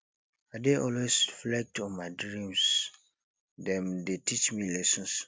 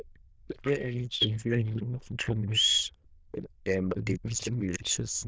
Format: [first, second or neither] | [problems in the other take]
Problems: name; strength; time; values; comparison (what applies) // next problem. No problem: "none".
first | noise reduction (neural diffusion model UNIVERSE++)